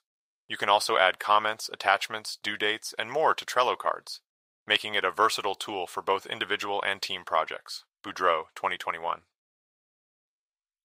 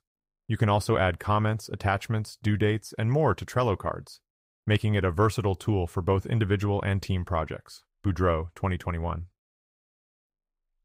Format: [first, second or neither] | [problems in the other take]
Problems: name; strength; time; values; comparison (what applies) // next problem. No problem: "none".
second | thin; very; fading below 750 Hz